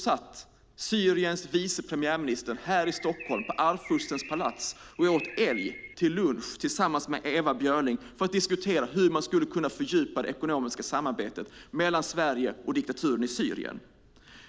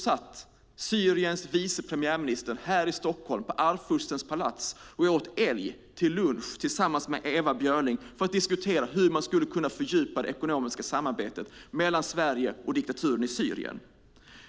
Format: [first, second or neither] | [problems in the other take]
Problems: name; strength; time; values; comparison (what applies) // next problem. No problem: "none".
second | background sound (Bird); 14 dB below the speech